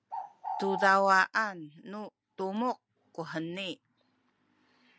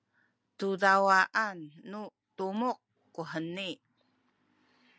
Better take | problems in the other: second | background sound (Bird); 4 dB below the speech

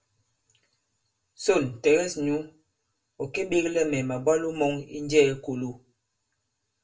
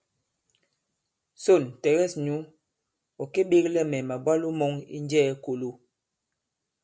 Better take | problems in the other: second | room echo; dies away in 0.2 s

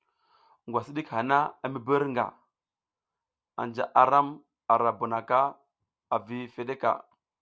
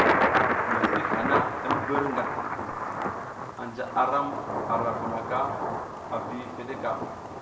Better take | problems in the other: first | background sound (Thunder); 4 dB above the speech // room echo; dies away in 1.7 s

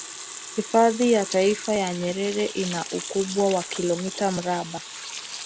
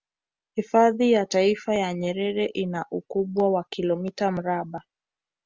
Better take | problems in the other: second | background sound (Sink (filling or washing) / Water tap, faucet); 11 dB below the speech

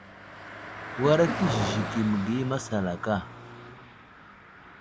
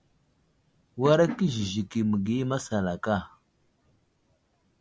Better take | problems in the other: second | background sound (Car passing by); 7 dB below the speech

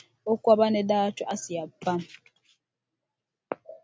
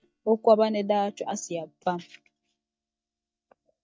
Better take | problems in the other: first | noise reduction (neural mask model DeepFilterNet 3)

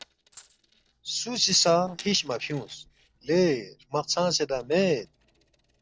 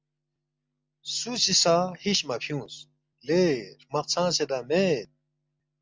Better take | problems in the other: second | noise reduction (neural separator model SepFormer DNS4)

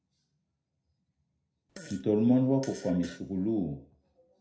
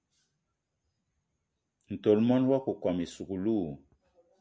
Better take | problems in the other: second | background sound (Fart); 19 dB below the speech // room echo; dies away in 0.5 s

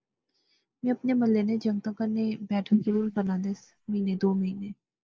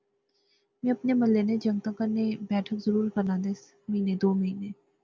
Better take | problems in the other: second | noise reduction (neural mask model Resemble Enhance denoiser)

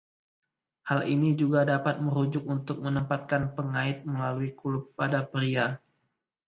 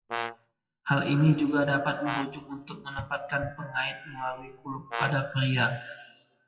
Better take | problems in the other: first | noise reduction (classical method WPE with log-MMSE)

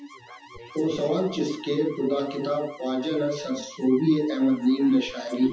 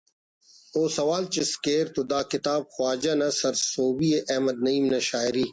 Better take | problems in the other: second | noise reduction (classical method WPE with log-MMSE)

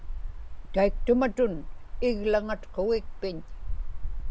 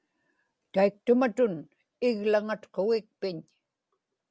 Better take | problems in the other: second | background sound (Cricket); 3 dB below the speech

